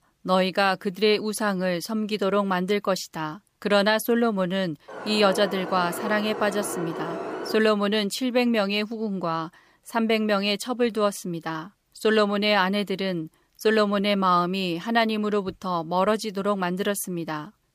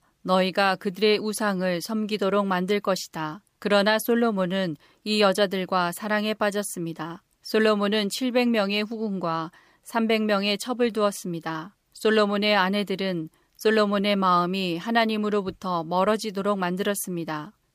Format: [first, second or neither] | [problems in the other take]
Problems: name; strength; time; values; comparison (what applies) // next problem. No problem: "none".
second | alarm; noticeable; from 5 to 7.5 s; peak 8 dB below the speech